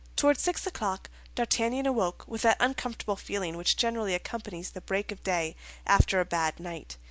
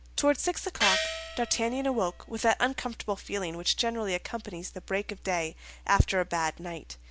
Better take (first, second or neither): first